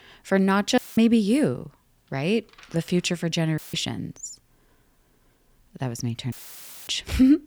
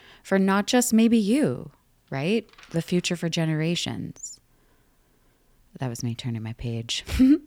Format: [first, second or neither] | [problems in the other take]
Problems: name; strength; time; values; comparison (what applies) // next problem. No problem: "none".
second | audio cutting out; filled with static; at 1 s, at 3.5 s and at 6.5 s for 0.5 s